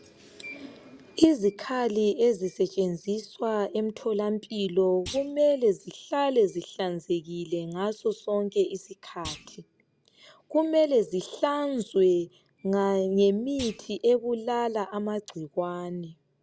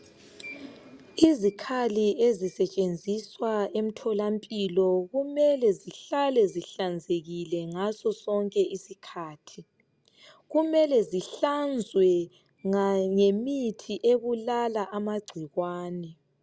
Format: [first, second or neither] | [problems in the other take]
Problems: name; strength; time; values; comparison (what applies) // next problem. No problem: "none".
second | background sound (Thump, thud); 19 dB below the speech